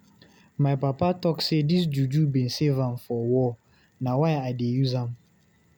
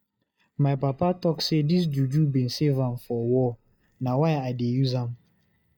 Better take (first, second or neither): first